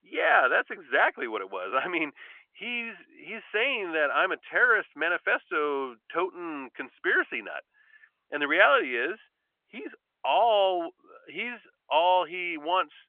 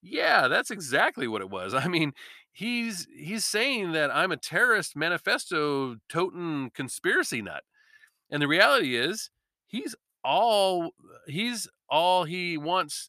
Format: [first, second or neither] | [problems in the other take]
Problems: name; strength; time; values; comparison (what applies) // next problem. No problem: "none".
second | phone-call audio; nothing above 3.5 kHz